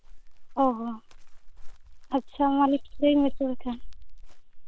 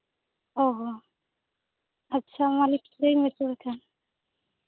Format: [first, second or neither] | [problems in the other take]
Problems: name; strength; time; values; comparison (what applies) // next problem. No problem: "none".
second | background sound (Chirp, tweet); 7 dB below the speech